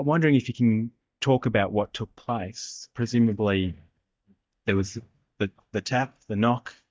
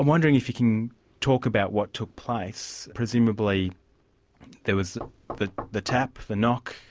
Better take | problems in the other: second | noise reduction (neural mask model DeepFilterNet 3)

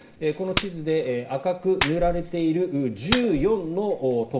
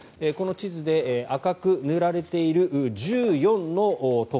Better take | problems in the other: second | background sound (Clapping); 9 dB below the speech // room echo; dies away in 1.1 s

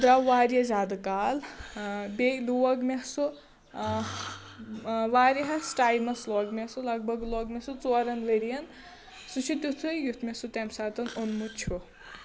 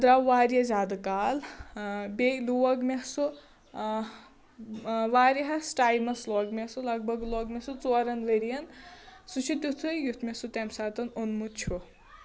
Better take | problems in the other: second | background sound (Bowed string instrument + Breathing); 19 dB below the speech

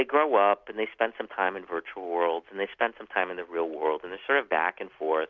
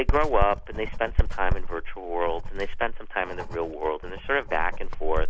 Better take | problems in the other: first | background sound (Writing); 3 dB above the speech

